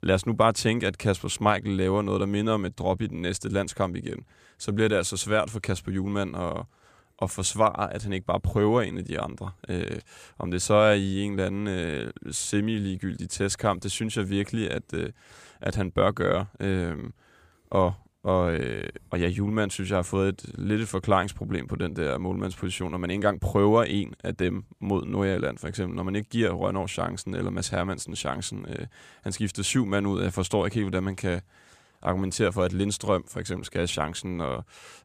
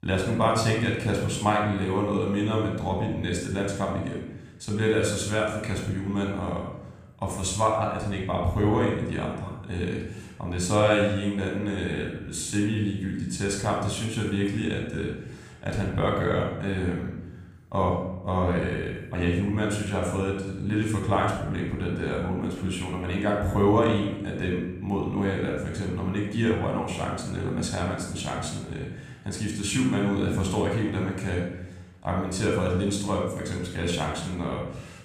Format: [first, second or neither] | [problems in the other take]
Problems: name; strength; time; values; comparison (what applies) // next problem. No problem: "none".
first | off-mic speech; somewhat distant // room echo; noticeable; dies away in 0.8 s